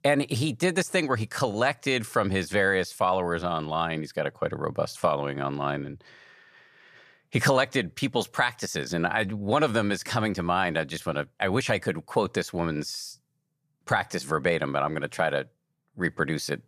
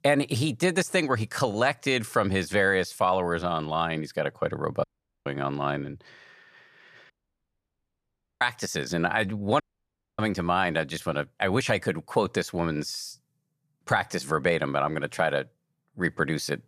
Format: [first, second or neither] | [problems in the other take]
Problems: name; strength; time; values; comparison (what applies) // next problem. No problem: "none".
first | audio cutting out; at 5 s, at 7 s for 1.5 s and at 9.5 s for 0.5 s